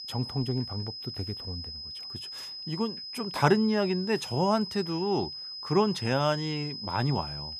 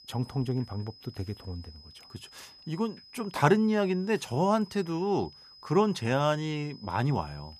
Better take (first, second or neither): second